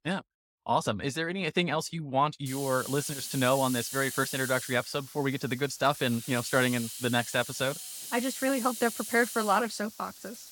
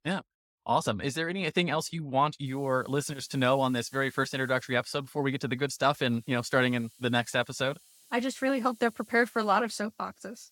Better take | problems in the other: second | hiss; loud; from 2.5 s on; 9 dB below the speech; faint in the second

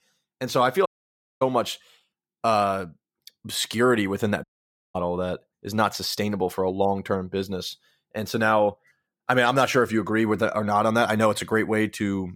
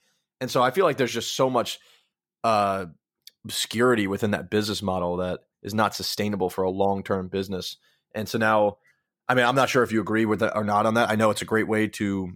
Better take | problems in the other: second | audio cutting out; at 1 s for 0.5 s and at 4.5 s for 0.5 s

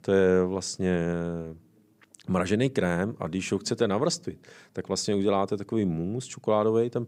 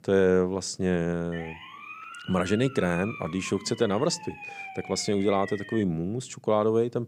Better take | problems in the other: first | siren; faint; from 1.5 to 6 s; peak 10 dB below the speech

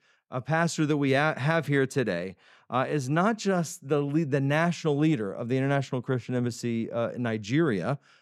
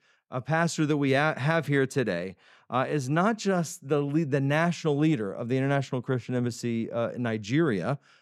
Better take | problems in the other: neither | none

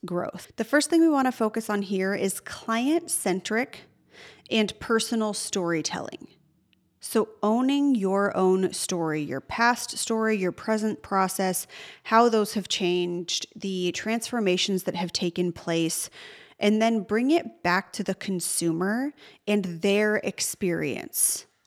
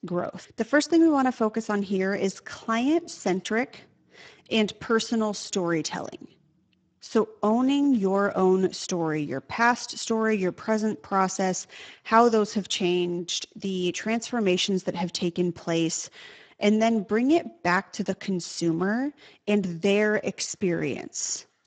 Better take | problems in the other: first | garbled, watery; badly; nothing above 7.5 kHz

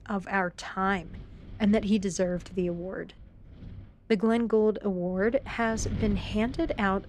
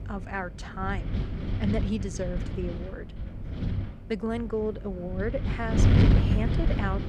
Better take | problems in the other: first | wind noise on the microphone; heavy; 2 dB below the speech; occasional gusts in the first

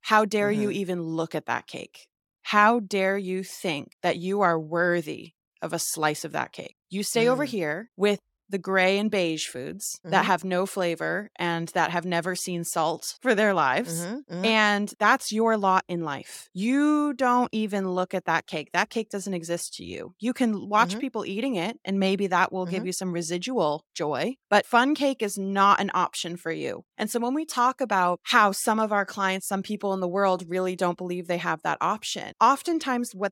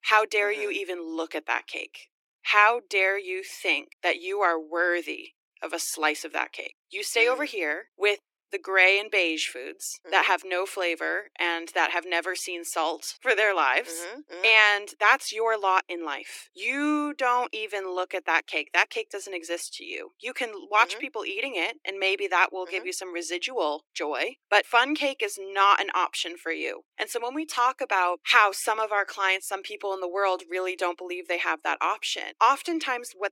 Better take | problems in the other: first | thin; somewhat; fading below 300 Hz

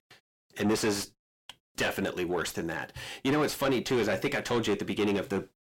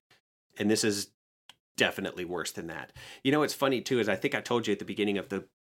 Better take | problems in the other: second | distortion; heavy; 6 dB below the speech

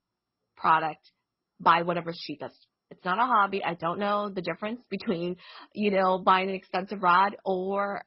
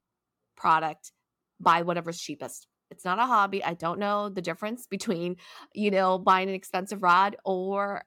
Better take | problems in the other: second | garbled, watery; badly; nothing above 5.5 kHz

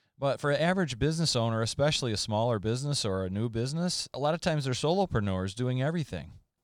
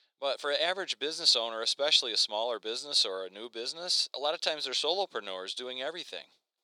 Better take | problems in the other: first | thin; very; fading below 400 Hz

